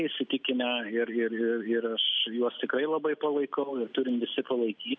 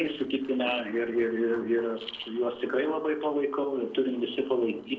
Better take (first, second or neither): first